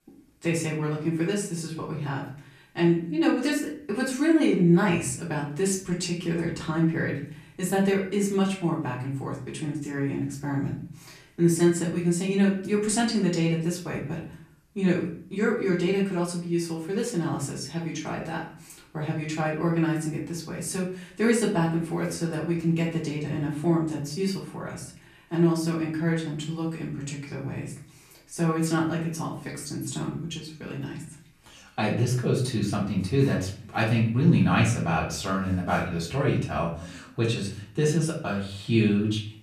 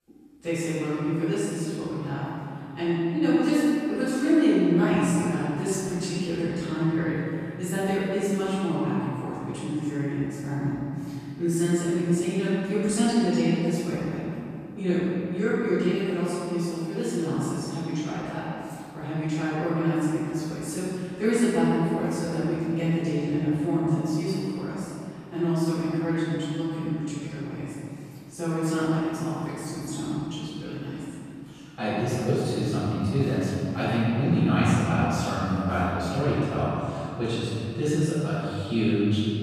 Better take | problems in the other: first | room echo; strong; dies away in 2.5 s; slight in the first // off-mic speech; far; far in the first

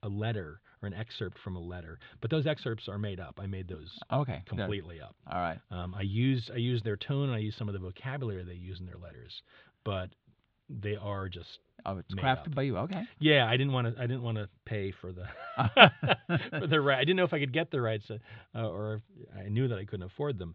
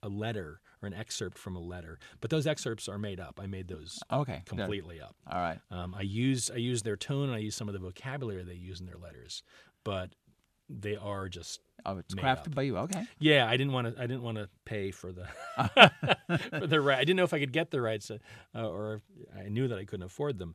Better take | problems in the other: second | muffled; slightly; fading above 3.5 kHz

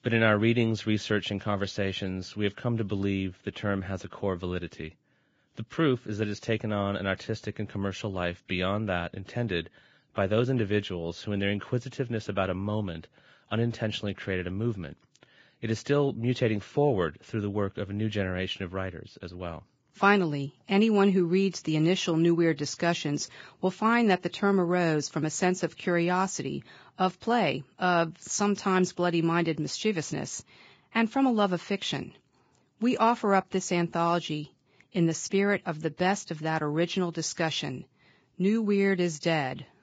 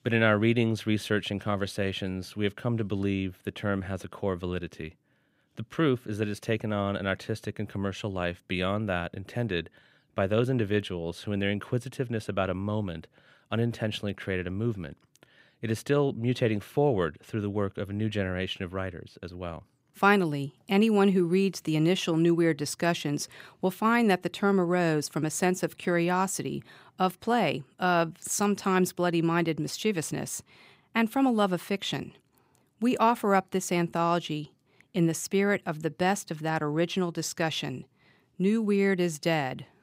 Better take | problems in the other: second | garbled, watery; badly; nothing above 7.5 kHz

